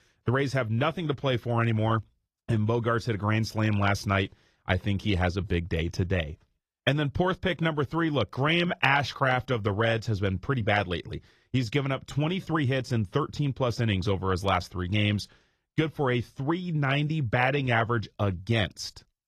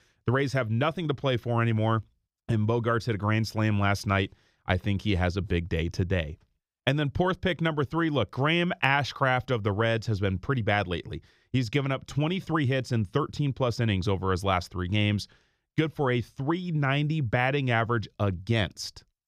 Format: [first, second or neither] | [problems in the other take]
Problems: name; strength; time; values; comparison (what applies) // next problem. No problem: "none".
second | garbled, watery; slightly; nothing above 14.5 kHz